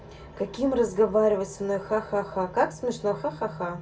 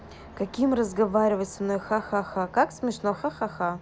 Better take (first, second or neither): second